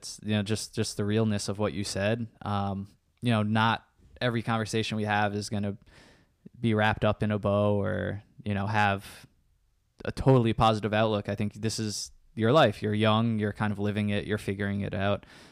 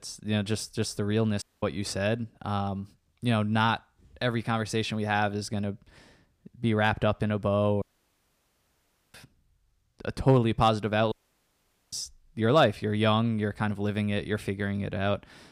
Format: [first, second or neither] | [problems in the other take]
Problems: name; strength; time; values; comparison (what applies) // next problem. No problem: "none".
first | audio cutting out; at 1.5 s, at 8 s for 1.5 s and at 11 s for 1 s